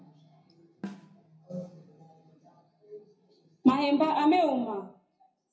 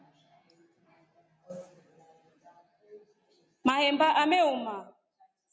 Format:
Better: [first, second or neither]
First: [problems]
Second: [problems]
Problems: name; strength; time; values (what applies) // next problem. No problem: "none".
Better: second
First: background sound (Snare drum); 12 dB below the speech // room echo; dies away in 0.4 s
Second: none